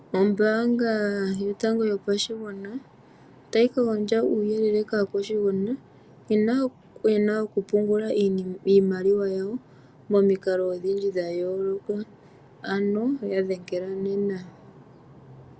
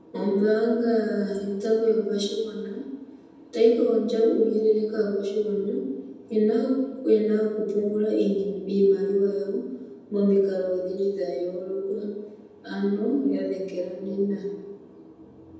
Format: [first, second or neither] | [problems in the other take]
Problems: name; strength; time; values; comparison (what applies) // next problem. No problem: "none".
first | room echo; dies away in 1.1 s